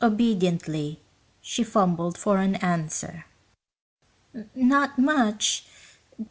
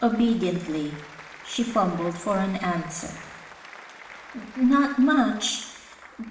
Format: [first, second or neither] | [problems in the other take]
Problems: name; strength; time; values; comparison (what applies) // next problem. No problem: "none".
first | background sound (Applause); 19 dB below the speech // room echo; dies away in 0.8 s